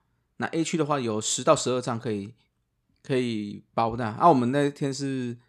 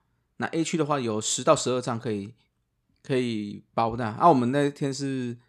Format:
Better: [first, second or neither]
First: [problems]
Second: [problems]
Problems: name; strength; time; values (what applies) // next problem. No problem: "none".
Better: neither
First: none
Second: none